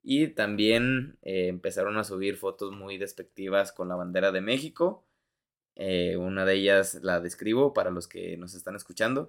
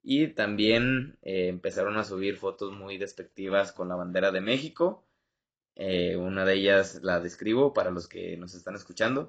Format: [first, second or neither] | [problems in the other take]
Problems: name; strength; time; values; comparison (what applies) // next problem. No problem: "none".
first | garbled, watery; badly; nothing above 7.5 kHz